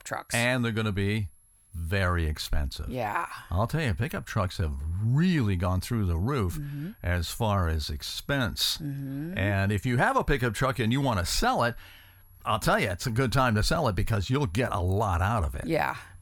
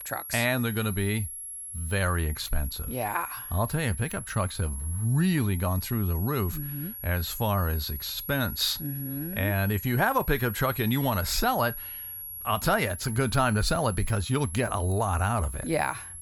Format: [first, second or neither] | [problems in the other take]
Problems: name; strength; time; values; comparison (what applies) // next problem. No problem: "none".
first | high-pitched whine; loud; throughout; 11.5 kHz, 9 dB below the speech; faint in the first